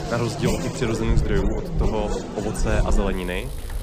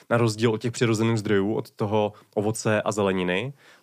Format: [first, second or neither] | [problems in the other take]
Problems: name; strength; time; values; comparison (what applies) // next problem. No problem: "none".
second | traffic noise; very loud; throughout; as loud as the speech